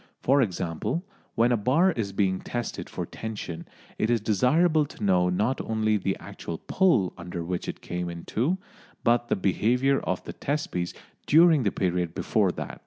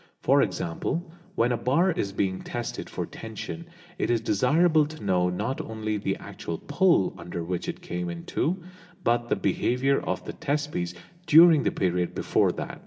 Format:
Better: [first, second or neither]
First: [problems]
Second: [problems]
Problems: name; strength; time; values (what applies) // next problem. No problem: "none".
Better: first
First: none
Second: room echo; dies away in 1.1 s